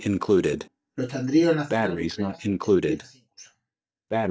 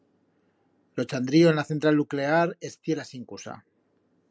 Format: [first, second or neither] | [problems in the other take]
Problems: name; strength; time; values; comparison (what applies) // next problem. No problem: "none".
second | noise reduction (neural mask model DeepFilterNet 3)